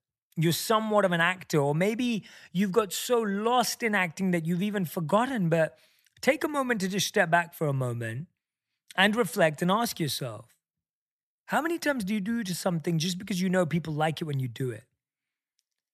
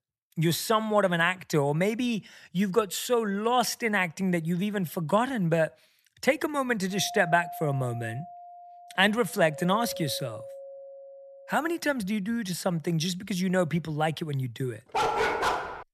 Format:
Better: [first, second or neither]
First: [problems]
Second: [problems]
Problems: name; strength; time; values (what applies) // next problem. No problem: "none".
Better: first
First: none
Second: doorbell; faint; from 7 to 12 s; peak 10 dB below the speech // dog barking; loud; at 15 s; peak 2 dB above the speech